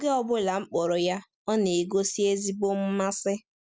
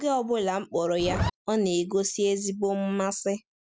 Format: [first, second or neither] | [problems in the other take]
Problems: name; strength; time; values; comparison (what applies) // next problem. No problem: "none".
first | background sound (Zipper (clothing)); as loud as the speech